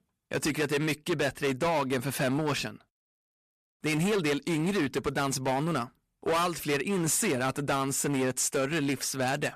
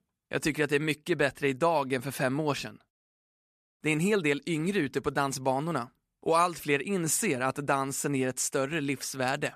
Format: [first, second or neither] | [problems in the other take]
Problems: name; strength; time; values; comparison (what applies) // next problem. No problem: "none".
second | distortion; heavy; 16% of the sound clipped